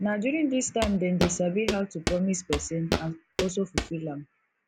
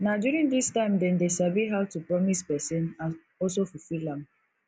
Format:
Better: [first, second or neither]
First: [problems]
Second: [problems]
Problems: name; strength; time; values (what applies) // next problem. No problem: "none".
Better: second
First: background sound (Walk, footsteps); 4 dB below the speech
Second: none